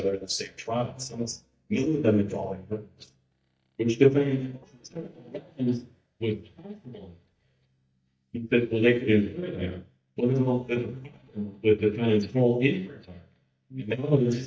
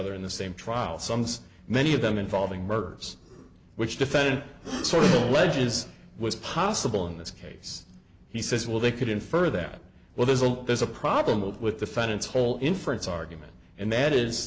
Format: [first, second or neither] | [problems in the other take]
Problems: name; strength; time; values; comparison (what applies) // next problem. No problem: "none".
second | noise reduction (neural mask model DeepFilterNet 3)